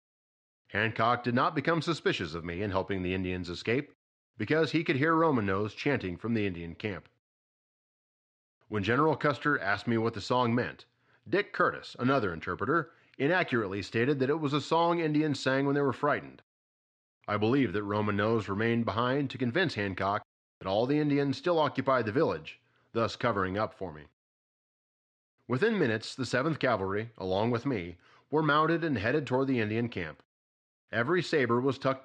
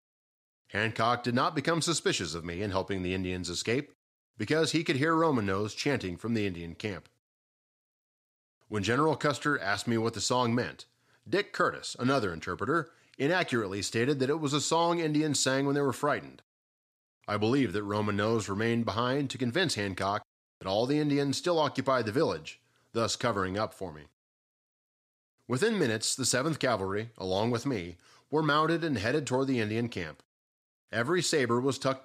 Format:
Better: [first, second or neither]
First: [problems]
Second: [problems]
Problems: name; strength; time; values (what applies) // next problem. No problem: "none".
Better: second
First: muffled; slightly; fading above 2.5 kHz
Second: none